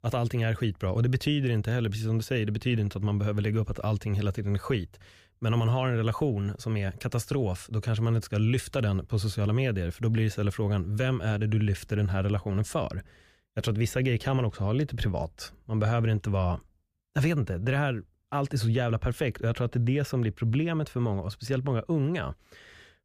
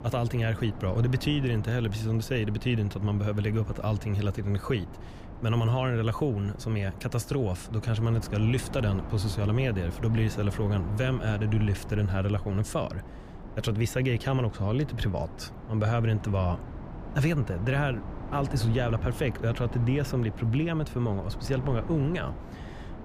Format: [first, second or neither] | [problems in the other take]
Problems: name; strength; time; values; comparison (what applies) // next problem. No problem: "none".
first | wind noise on the microphone; occasional gusts; 10 dB below the speech